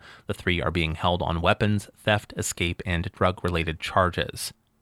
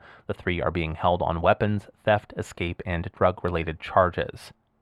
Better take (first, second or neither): first